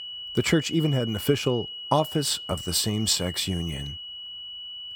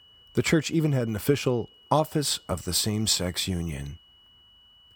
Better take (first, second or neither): second